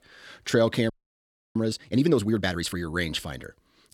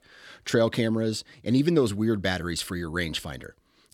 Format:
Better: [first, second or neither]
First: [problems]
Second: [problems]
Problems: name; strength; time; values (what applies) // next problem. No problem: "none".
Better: second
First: audio freezing; at 1 s for 0.5 s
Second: none